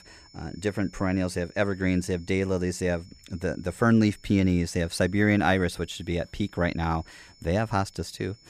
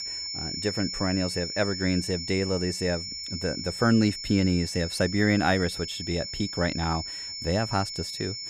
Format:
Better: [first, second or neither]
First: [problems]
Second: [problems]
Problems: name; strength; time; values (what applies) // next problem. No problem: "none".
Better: first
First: high-pitched whine; faint; throughout; 5.5 kHz, 25 dB below the speech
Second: high-pitched whine; loud; throughout; 5.5 kHz, 6 dB below the speech